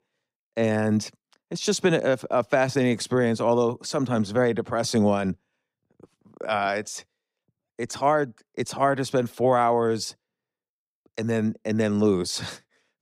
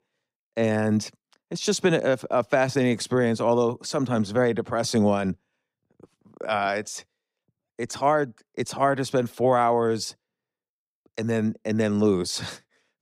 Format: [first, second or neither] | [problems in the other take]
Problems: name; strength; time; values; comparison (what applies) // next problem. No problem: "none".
neither | none